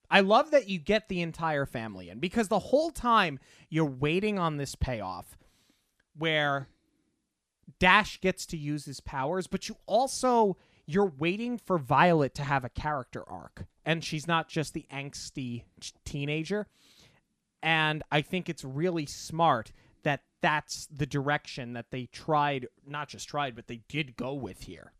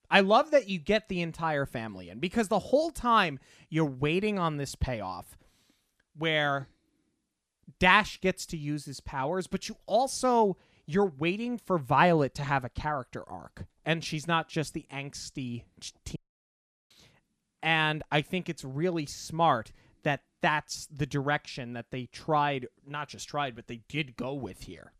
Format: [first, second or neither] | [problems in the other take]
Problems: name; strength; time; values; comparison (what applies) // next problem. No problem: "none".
first | audio cutting out; at 16 s for 0.5 s